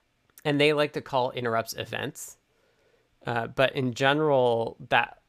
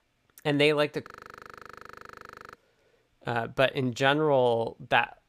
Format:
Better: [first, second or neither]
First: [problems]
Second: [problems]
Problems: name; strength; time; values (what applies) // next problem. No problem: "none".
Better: first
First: none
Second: audio freezing; at 1 s for 1.5 s